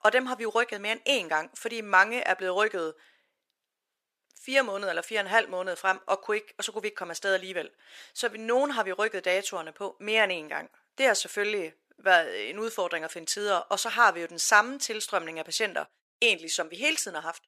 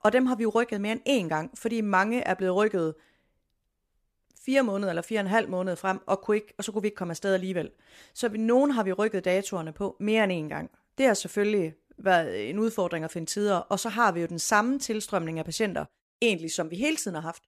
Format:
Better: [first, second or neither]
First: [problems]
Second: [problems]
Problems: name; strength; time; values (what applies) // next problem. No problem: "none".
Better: second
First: thin; somewhat; fading below 500 Hz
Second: none